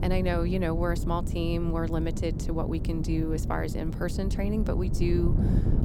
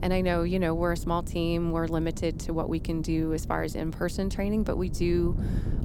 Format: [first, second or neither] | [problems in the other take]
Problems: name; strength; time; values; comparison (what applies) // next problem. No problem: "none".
second | wind noise on the microphone; heavy; 8 dB below the speech; occasional gusts in the second